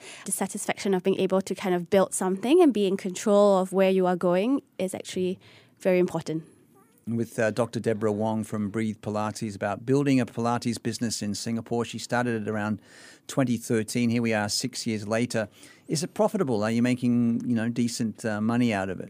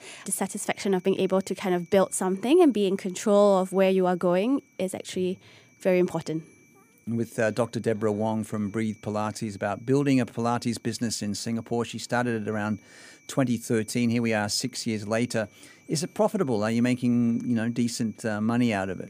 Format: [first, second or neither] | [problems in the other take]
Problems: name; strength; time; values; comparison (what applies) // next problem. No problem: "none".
first | high-pitched whine; faint; throughout; 2.5 kHz, 30 dB below the speech